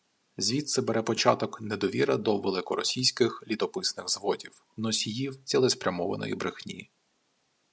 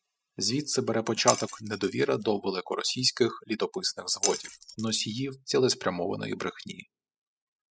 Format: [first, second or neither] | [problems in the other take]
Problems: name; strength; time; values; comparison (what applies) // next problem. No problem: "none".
first | noise reduction (classical method spectral subtraction)